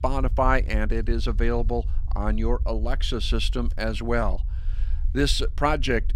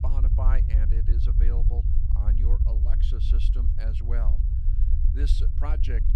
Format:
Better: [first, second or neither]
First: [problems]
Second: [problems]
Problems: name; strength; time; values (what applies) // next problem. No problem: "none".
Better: first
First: low rumble; faint; throughout; 25 dB below the speech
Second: low rumble; loud; throughout; 2 dB below the speech